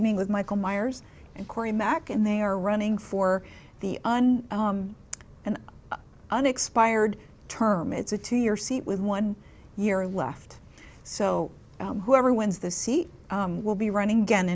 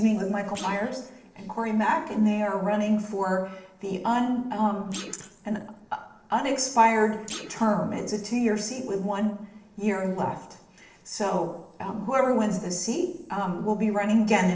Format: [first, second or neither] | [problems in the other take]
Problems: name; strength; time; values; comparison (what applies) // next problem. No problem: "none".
first | noise reduction (neural separator model SepFormer DNS4)